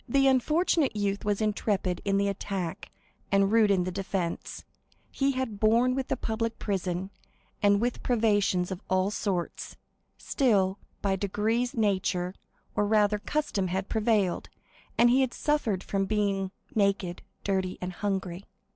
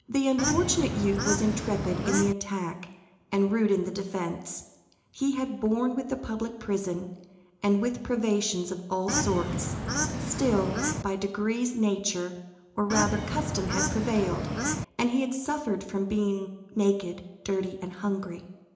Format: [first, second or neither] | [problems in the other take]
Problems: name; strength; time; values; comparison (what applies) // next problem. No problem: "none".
first | background sound (Bird / Fowl); 1 dB below the speech // room echo; dies away in 0.8 s